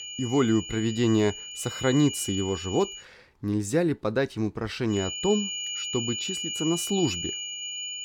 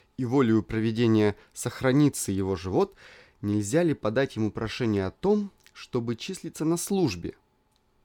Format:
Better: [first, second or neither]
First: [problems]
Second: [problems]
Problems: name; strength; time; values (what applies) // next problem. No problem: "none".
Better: second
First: high-pitched whine; loud; until 3 s and from 5 s on; 3 kHz, 5 dB below the speech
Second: none